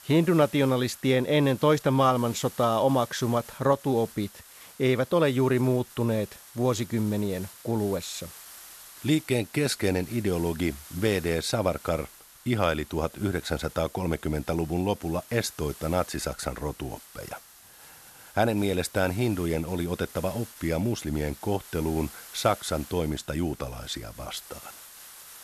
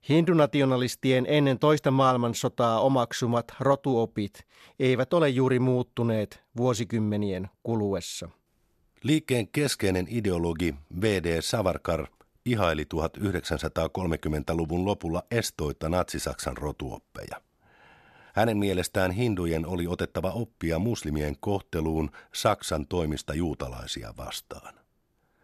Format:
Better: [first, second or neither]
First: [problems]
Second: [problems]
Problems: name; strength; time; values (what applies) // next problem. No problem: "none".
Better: second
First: hiss; noticeable; throughout; 20 dB below the speech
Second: none